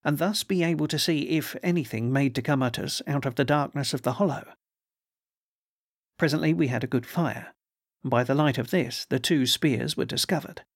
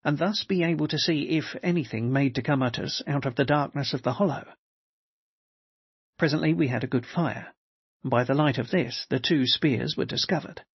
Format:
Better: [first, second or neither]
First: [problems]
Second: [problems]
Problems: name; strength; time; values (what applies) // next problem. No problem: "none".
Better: first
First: none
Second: garbled, watery; slightly; nothing above 5.5 kHz